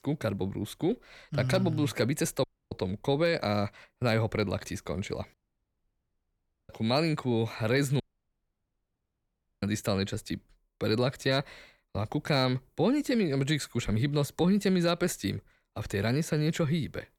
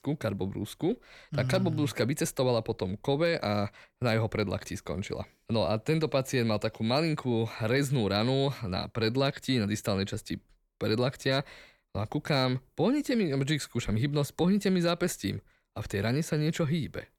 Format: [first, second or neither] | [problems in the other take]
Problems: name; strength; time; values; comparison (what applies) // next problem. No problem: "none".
second | audio cutting out; at 2.5 s, at 5.5 s for 1.5 s and at 8 s for 1.5 s